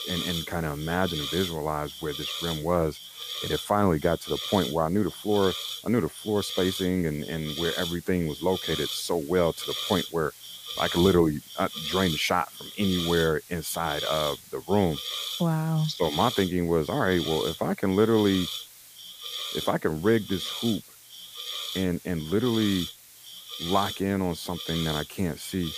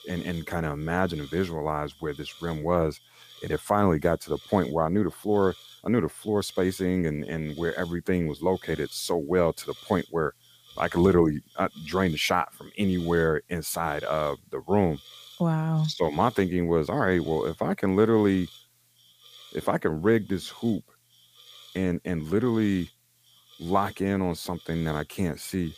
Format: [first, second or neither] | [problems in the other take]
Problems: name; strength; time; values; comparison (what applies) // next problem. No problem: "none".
second | hiss; loud; throughout; 7 dB below the speech; faint in the second